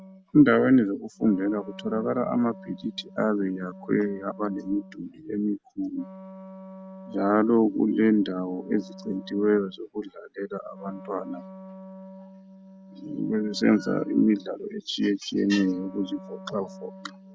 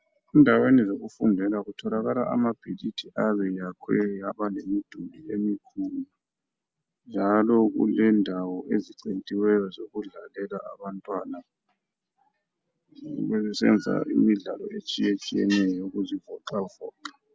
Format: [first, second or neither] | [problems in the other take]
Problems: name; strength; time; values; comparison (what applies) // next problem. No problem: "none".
second | background sound (Wind instrument, woodwind instrument); 18 dB below the speech